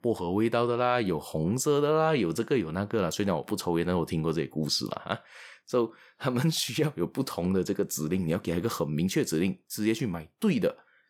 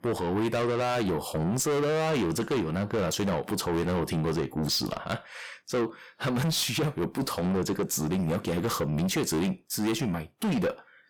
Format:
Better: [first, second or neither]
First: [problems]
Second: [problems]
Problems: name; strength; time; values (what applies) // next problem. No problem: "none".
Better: first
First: none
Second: distortion; heavy; 7 dB below the speech